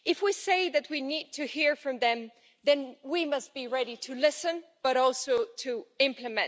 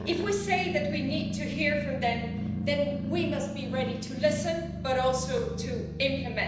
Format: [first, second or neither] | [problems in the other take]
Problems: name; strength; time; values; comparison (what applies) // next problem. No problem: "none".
first | background sound (Growling); 3 dB below the speech // room echo; dies away in 0.9 s